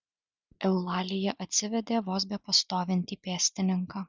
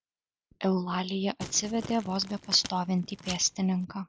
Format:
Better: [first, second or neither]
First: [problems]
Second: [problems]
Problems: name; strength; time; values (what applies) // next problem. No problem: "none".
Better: first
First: none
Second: background sound (Crumpling, crinkling); 14 dB below the speech